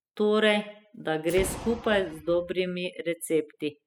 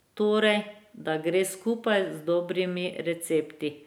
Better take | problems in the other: second | noise reduction (classical method spectral subtraction)

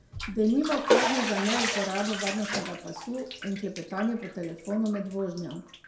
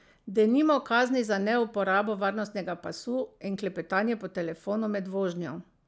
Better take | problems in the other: second | background sound (Bathtub (filling or washing)); 2 dB below the speech // room echo; dies away in 0.6 s

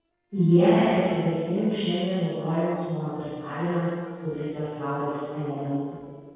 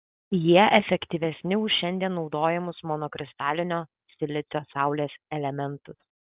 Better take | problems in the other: second | noise reduction (neural separator model SepFormer DNS4)

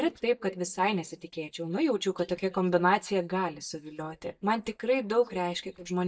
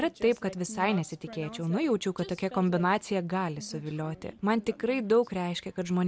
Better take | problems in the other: second | noise reduction (neural mask model DeepFilterNet 3)

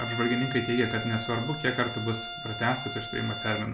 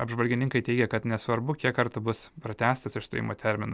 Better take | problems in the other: second | background sound (Bowed string instrument); 7 dB below the speech // room echo; dies away in 0.4 s

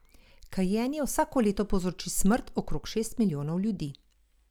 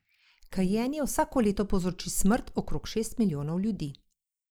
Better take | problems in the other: first | noise reduction (neural mask model Resemble Enhance denoiser)

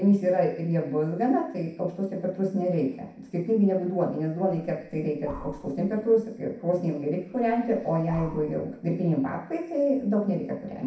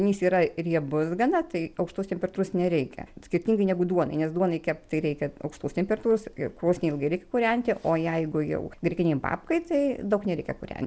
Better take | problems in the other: second | background sound (Breathing); 20 dB below the speech // room echo; dies away in 0.6 s

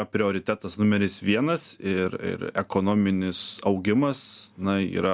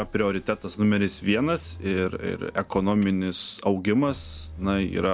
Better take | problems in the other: first | background sound (Motor vehicle (road)); 18 dB below the speech

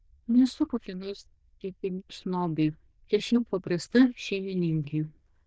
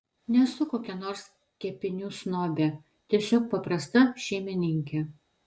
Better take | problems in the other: second | noise reduction (neural diffusion model UNIVERSE++)

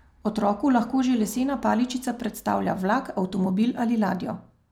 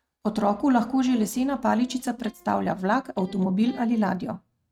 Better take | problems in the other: first | noise reduction (neural mask model RNNoise)

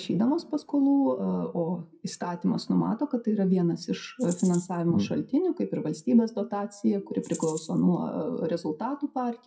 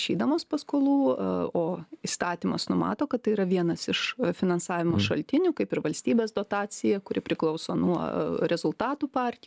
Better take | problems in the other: second | noise reduction (classical method WPE with log-MMSE)

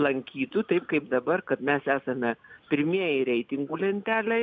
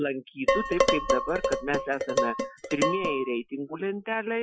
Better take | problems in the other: first | noise reduction (classical method Wiener filter)

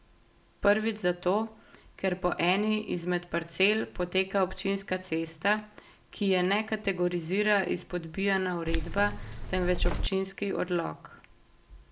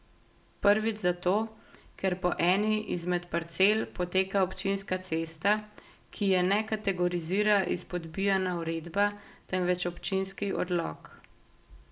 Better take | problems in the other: second | background sound (Keys jangling); as loud as the speech

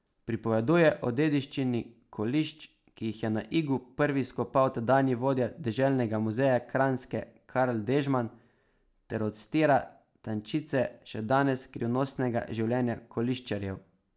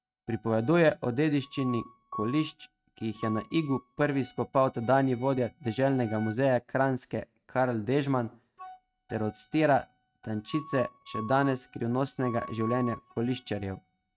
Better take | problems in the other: first | noise reduction (neural mask model RNNoise)

